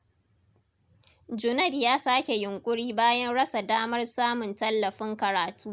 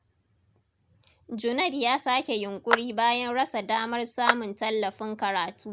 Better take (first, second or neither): first